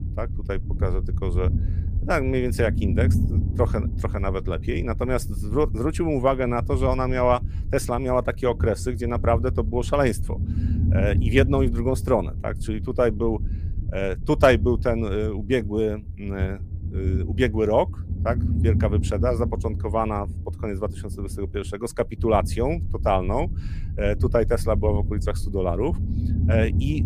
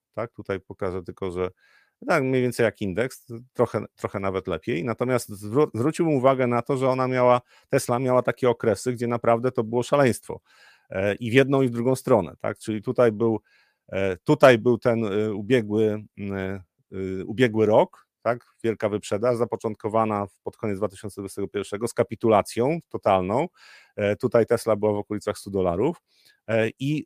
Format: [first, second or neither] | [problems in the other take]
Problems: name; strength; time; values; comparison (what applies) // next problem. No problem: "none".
second | low rumble; noticeable; throughout; 15 dB below the speech